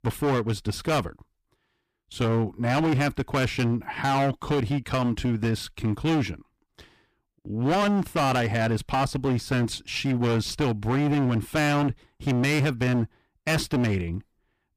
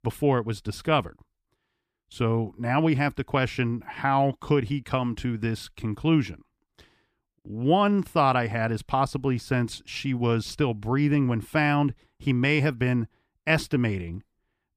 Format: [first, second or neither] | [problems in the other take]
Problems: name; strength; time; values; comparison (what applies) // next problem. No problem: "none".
second | distortion; heavy; 18% of the sound clipped